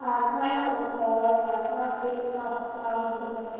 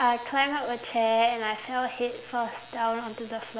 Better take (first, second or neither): second